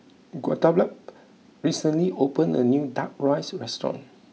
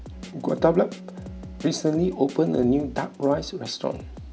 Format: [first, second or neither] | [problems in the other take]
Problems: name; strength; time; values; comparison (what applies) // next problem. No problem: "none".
first | background sound (Bowed string instrument + Drum kit); 15 dB below the speech